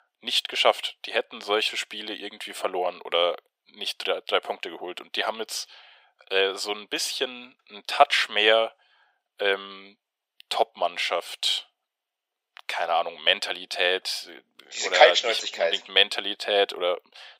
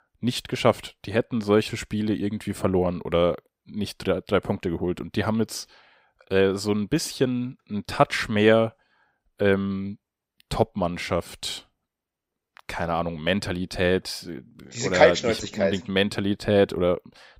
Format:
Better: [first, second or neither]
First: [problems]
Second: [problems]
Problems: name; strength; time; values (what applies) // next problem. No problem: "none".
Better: second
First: thin; very; fading below 500 Hz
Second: none